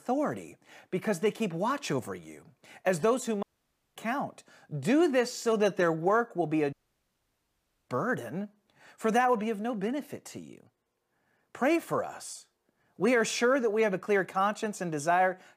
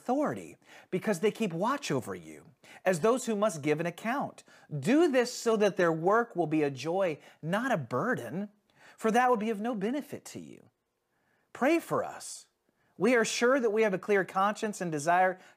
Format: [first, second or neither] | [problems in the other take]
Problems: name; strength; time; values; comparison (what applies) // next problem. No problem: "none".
second | audio cutting out; at 3.5 s for 0.5 s and at 6.5 s for 1 s